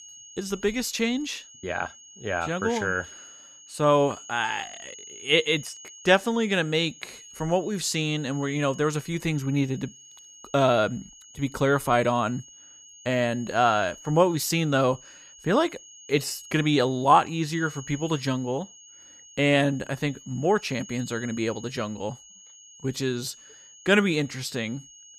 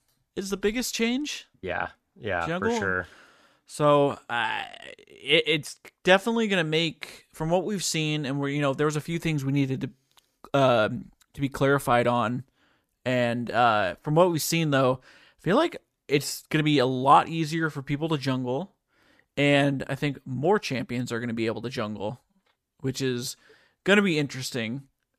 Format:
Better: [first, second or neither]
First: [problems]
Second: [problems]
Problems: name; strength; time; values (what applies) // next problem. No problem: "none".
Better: second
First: high-pitched whine; noticeable; throughout; 6.5 kHz, 20 dB below the speech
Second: none